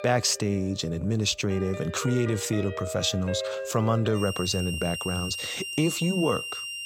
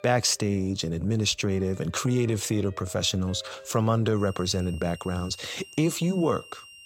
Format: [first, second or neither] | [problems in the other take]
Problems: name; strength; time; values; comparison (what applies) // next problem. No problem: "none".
second | background music; loud; throughout; 7 dB below the speech; faint in the second